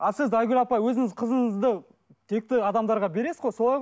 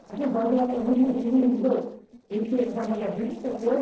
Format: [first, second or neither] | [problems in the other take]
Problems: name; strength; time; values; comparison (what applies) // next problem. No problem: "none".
first | noise reduction (neural separator model SepFormer DNS4)